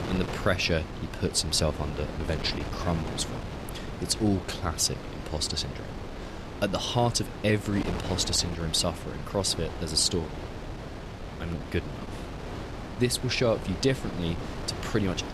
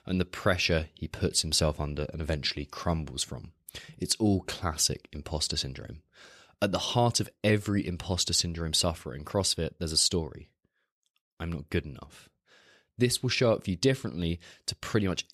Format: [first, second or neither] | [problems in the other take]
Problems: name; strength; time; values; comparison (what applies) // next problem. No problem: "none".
second | wind noise on the microphone; occasional gusts; 10 dB below the speech